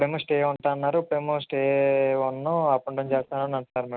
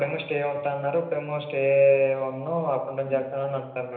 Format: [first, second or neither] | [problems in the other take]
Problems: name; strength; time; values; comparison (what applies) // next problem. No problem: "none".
first | room echo; dies away in 0.9 s